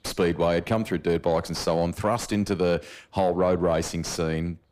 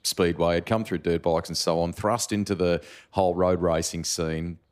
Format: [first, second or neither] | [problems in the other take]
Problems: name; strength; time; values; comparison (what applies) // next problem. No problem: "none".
second | distortion; slight; 9 dB below the speech